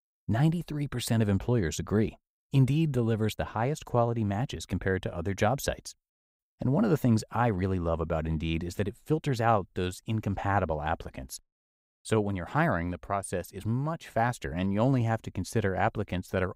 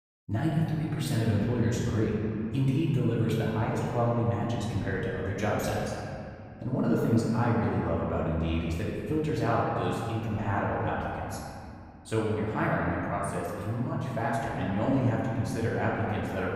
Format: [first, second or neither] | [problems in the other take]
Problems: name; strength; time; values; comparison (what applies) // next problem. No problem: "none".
first | off-mic speech; far // room echo; strong; dies away in 2.5 s